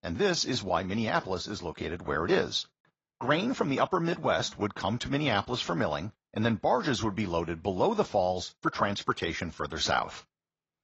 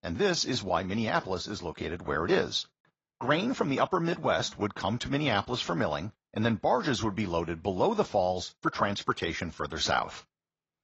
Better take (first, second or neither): neither